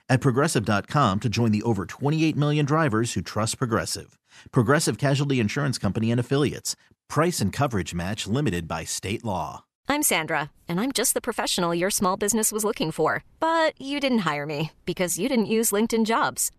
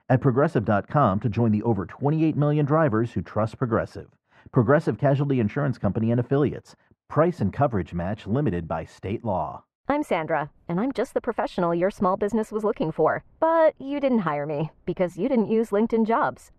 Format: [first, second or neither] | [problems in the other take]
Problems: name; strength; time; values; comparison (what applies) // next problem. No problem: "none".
first | muffled; very; fading above 3 kHz